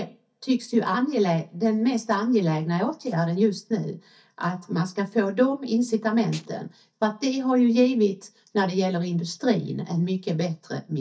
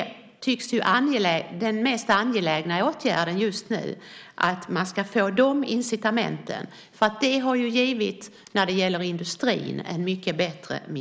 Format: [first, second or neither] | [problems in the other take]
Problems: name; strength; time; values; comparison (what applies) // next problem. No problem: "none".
second | noise reduction (neural mask model DeepFilterNet 3)